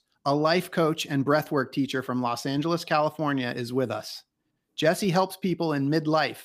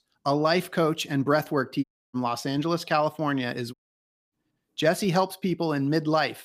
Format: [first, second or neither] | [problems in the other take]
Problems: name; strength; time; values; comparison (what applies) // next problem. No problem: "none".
first | audio cutting out; at 2 s and at 3.5 s for 0.5 s